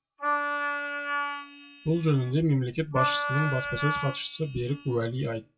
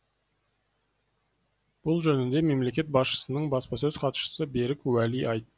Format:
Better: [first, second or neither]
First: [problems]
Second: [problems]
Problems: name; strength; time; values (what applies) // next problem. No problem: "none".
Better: second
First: noise reduction (classical method WPE with log-MMSE)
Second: none